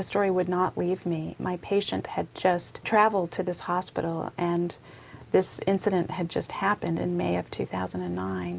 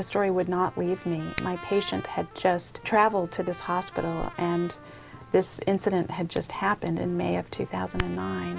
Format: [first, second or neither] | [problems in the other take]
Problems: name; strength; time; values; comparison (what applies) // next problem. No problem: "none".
first | background sound (Hands + Trumpet); 14 dB below the speech